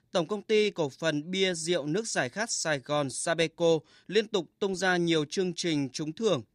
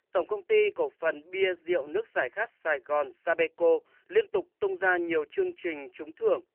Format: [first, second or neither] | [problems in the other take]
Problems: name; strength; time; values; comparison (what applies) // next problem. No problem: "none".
first | phone-call audio; poor line; nothing above 3 kHz